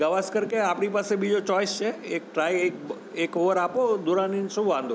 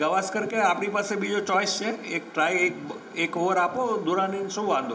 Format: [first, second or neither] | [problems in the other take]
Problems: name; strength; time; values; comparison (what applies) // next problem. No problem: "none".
first | room echo; dies away in 0.9 s